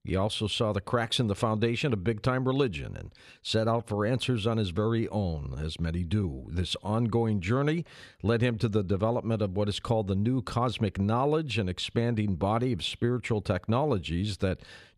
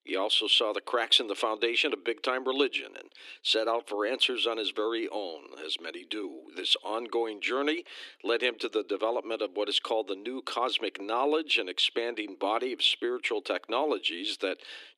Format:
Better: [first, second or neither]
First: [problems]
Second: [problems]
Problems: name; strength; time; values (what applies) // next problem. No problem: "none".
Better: first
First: none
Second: thin; very; fading below 300 Hz